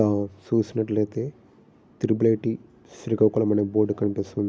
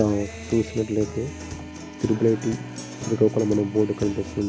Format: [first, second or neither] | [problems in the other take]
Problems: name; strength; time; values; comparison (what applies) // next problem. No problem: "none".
first | background sound (Organ + Guitar); 11 dB below the speech